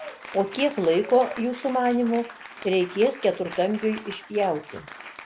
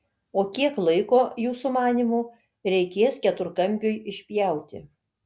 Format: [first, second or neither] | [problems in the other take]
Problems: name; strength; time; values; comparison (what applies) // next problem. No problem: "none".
second | background sound (Applause / Cheering); 16 dB below the speech